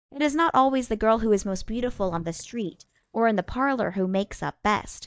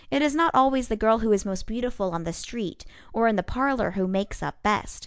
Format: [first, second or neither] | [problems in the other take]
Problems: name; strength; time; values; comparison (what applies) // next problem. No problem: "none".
second | noise reduction (neural mask model DeepFilterNet 3)